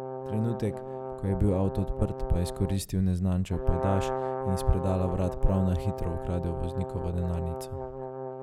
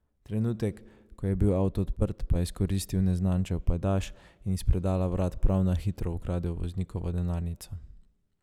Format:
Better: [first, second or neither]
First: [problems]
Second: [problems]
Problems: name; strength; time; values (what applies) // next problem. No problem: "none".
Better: second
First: background sound (Brass instrument); 7 dB below the speech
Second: none